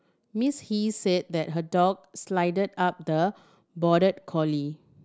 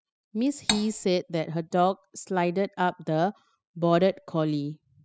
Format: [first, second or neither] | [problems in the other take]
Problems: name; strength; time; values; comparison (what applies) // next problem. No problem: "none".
first | noise reduction (classical method spectral subtraction)